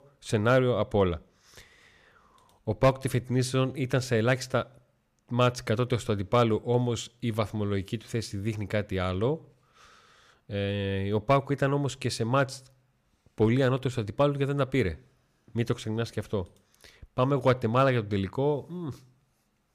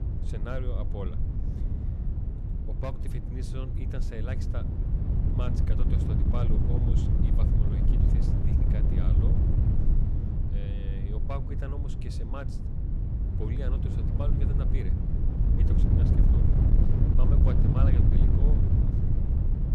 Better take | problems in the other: first | wind noise on the microphone; heavy; 3 dB above the speech

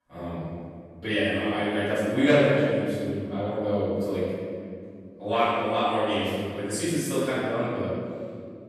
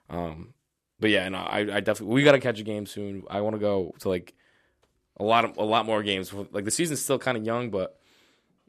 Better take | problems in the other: second | off-mic speech; far // room echo; strong; dies away in 2.3 s

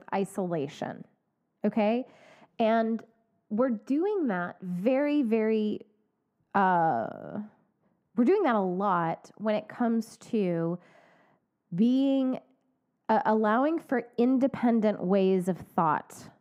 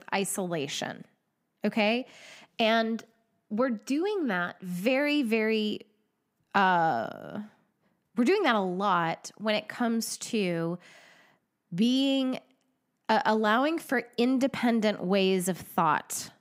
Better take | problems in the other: second | muffled; very; fading above 2 kHz

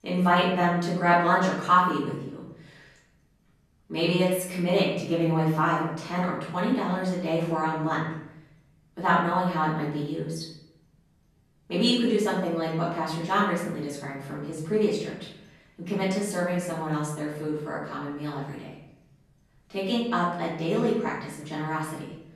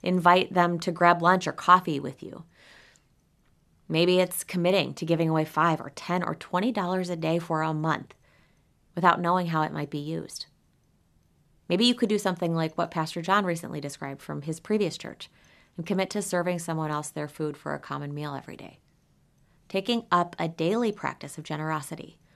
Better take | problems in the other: second | off-mic speech; far // room echo; noticeable; dies away in 0.7 s

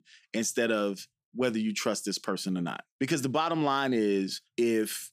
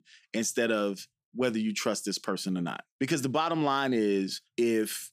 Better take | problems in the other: neither | none

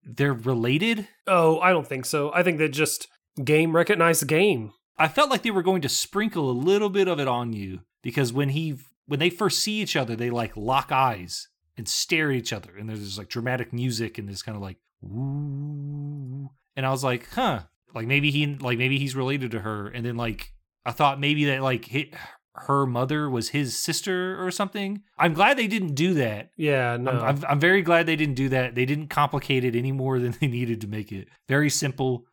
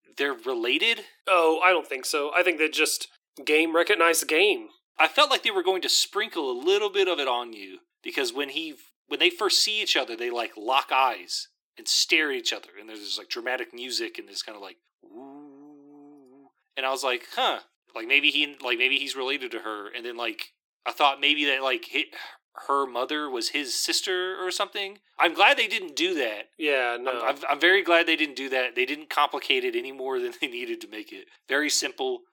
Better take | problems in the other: first | thin; very; fading below 350 Hz

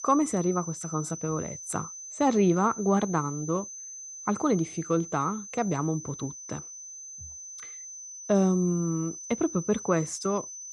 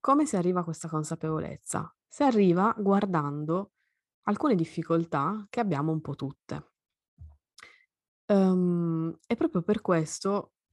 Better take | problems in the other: second | high-pitched whine; noticeable; throughout; 6 kHz, 10 dB below the speech

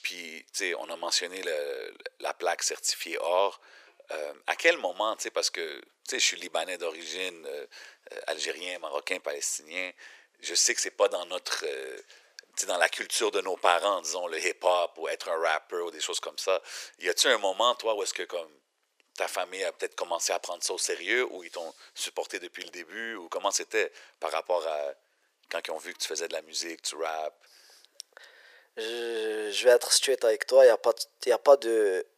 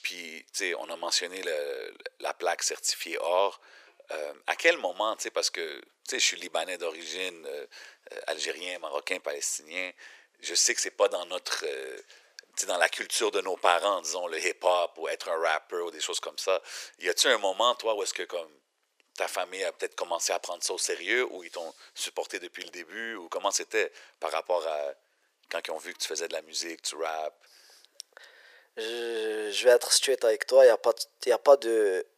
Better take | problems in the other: neither | thin; very; fading below 450 Hz; the same in both

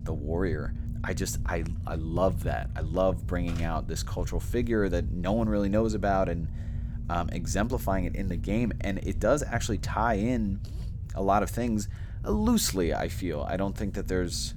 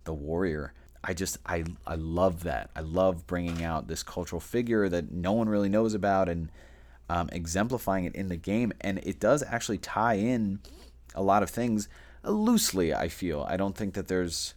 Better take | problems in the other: second | low rumble; noticeable; throughout; 20 dB below the speech

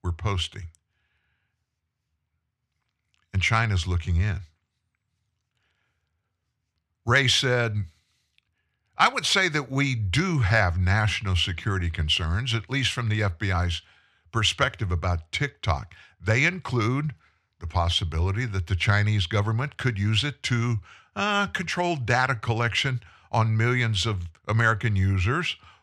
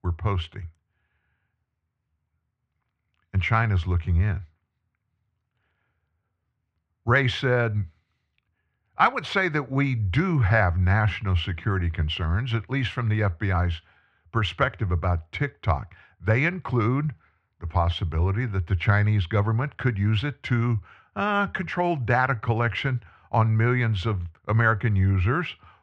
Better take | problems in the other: first | muffled; very; fading above 3.5 kHz

